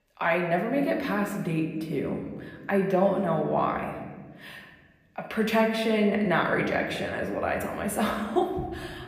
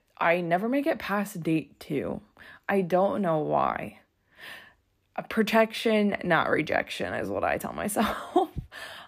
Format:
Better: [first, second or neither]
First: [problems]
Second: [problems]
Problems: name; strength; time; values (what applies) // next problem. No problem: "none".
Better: second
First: room echo; slight; dies away in 1.3 s // off-mic speech; somewhat distant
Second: none